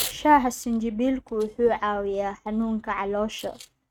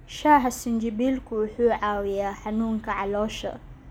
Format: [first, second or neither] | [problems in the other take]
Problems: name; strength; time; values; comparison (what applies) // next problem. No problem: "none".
second | noise reduction (neural mask model RNNoise)